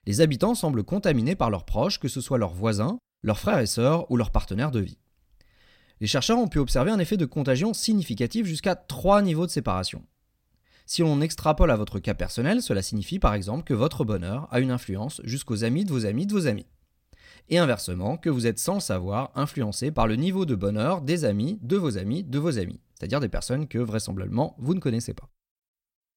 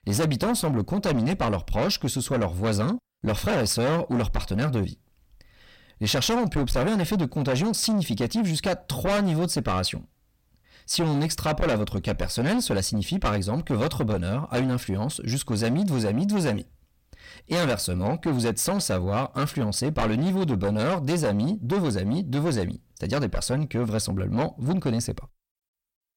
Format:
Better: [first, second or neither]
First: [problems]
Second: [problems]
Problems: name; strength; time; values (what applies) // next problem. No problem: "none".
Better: first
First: none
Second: distortion; heavy; 6 dB below the speech